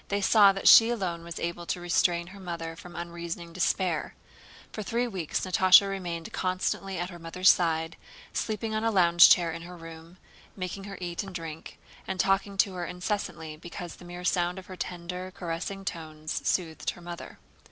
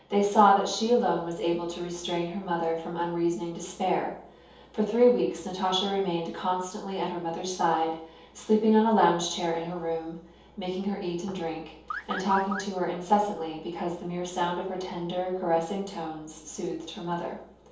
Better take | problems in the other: first | background sound (Car); 9 dB below the speech // room echo; dies away in 0.7 s

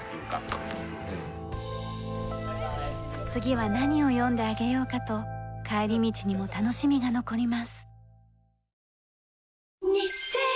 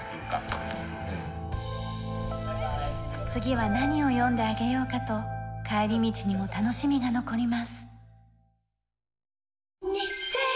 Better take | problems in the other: first | room echo; dies away in 1.1 s

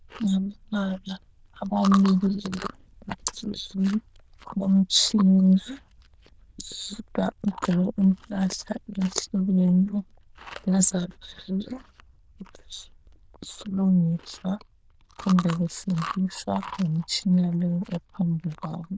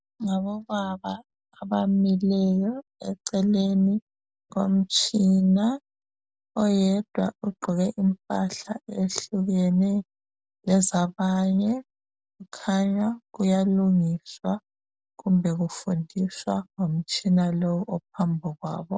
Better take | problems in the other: second | noise reduction (neural diffusion model UNIVERSE++)

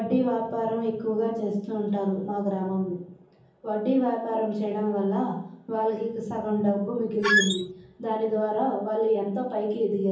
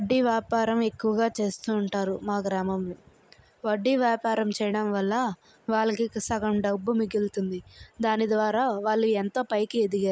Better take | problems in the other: second | background sound (Squeak); 3 dB above the speech // room echo; dies away in 0.7 s

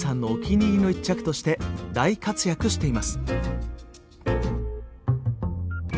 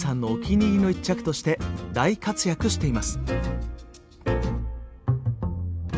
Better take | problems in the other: second | background sound (Telephone); 19 dB below the speech

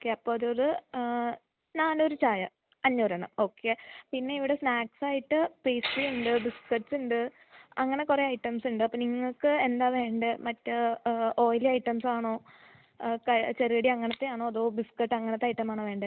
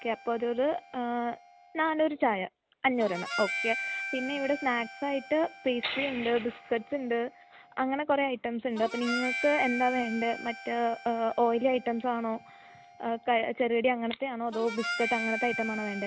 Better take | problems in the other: first | background sound (Harmonica); 10 dB below the speech

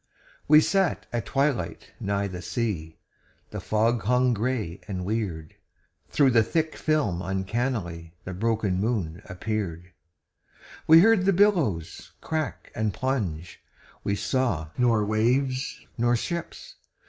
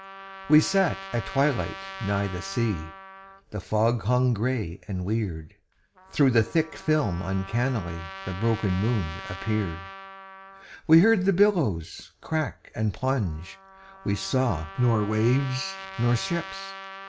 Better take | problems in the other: first | background sound (Trumpet); 16 dB below the speech

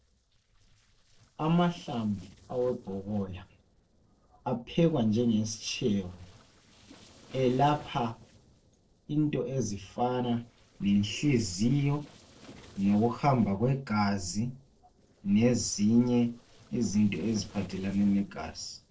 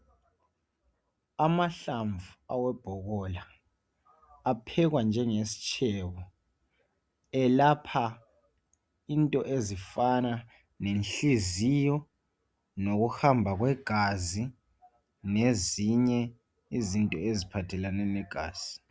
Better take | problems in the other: second | noise reduction (neural separator model SepFormer DNS4)

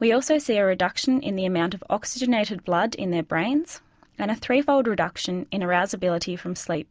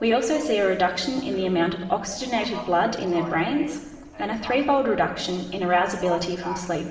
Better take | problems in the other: first | background sound (Livestock, farm animals, working animals); 15 dB below the speech // room echo; dies away in 1.2 s

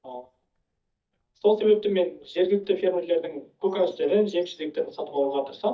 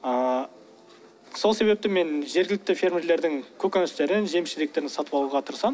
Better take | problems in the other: second | noise reduction (neural mask model DeepFilterNet 3)

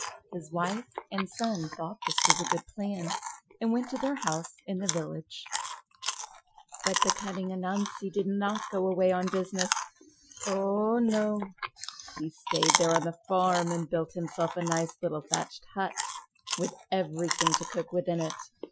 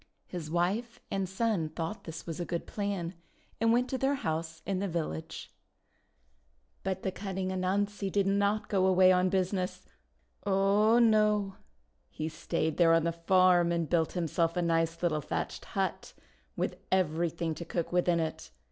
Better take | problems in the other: second | noise reduction (classical method Wiener filter)

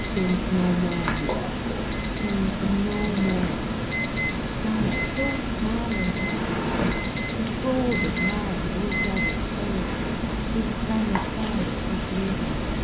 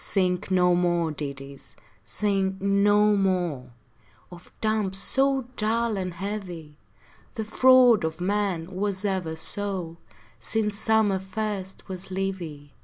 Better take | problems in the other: second | background sound (Alarm); 3 dB above the speech // room echo; dies away in 0.5 s

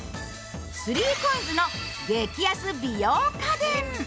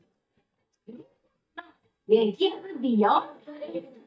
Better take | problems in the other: first | noise reduction (neural mask model DeepFilterNet 3)

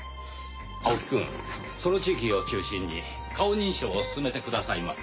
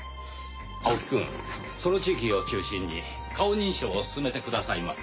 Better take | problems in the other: second | background sound (Wind instrument, woodwind instrument); 12 dB below the speech

